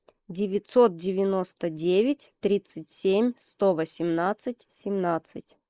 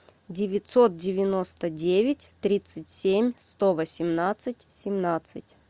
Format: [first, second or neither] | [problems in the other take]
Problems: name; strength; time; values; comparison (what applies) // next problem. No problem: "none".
second | noise reduction (neural mask model Resemble Enhance denoiser)